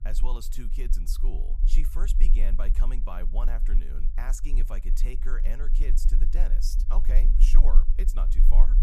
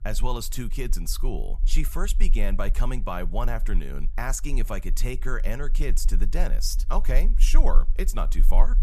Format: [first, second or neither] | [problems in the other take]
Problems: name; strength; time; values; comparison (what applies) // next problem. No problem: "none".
second | low rumble; loud; throughout; 10 dB below the speech; faint in the second